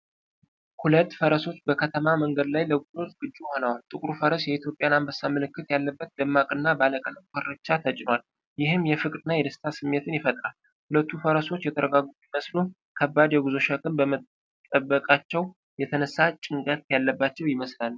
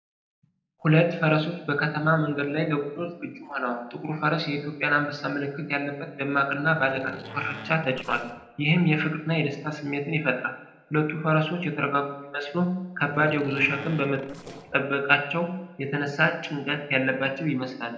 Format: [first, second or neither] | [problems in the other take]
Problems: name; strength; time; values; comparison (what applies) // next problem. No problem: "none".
first | noise reduction (neural separator model SepFormer DNS4)